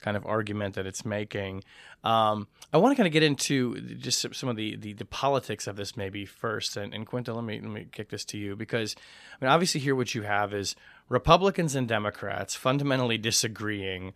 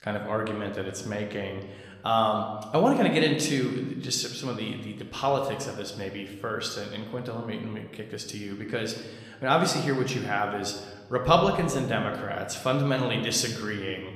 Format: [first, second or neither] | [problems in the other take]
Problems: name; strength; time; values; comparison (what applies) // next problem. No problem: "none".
first | room echo; slight; dies away in 1 s